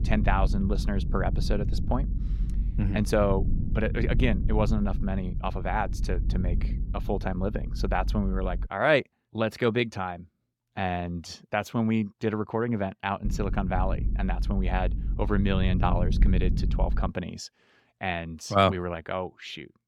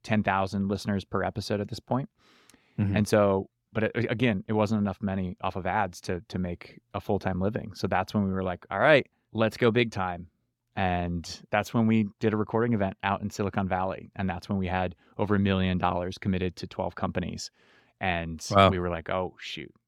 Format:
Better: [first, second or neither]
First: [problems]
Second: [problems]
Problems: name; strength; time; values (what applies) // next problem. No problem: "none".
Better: second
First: low rumble; noticeable; until 8.5 s and from 13 to 17 s; 15 dB below the speech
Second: none